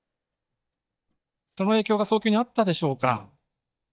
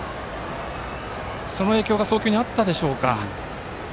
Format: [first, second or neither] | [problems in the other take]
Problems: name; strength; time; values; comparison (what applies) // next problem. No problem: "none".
second | noise reduction (neural mask model DeepFilterNet 3)